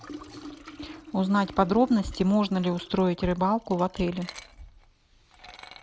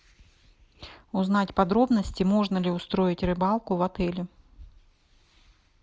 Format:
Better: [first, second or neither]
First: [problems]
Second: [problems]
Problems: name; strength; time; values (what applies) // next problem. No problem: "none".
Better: second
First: background sound (Liquid); 18 dB below the speech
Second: none